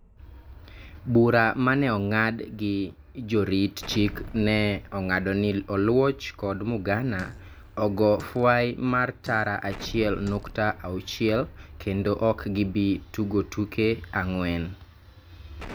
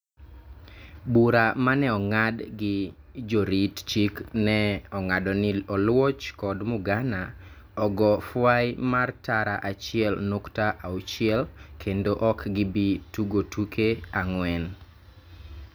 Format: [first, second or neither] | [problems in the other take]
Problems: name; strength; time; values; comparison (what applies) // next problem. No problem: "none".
second | background sound (Explosion + Fart); 20 dB below the speech